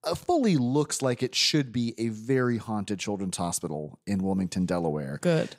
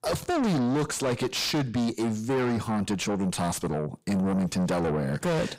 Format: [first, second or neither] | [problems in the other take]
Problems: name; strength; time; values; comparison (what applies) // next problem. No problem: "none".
first | distortion; heavy; 5 dB below the speech